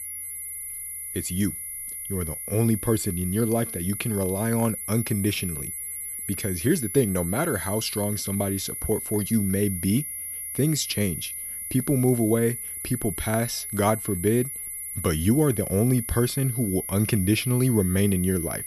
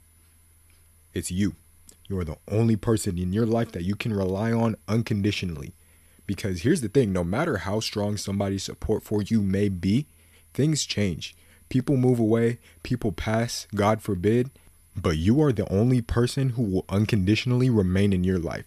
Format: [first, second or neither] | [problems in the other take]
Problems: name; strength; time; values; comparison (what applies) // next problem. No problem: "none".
second | high-pitched whine; loud; throughout; 11 kHz, 6 dB below the speech; faint in the second